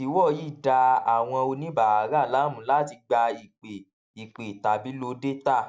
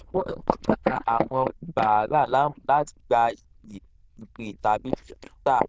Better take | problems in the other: first | noise reduction (neural diffusion model UNIVERSE++)

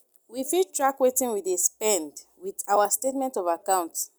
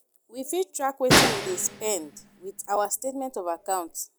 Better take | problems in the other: first | background sound (Snare drum); 2 dB above the speech

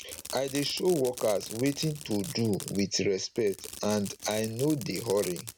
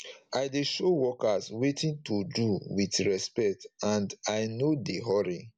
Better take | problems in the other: second | background sound (Fireworks); 13 dB below the speech

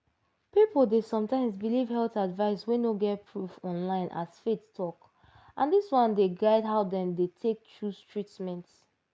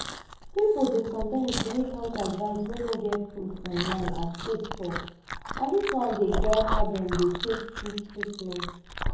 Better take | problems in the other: first | background sound (Chewing, mastication); 4 dB below the speech // room echo; dies away in 0.7 s

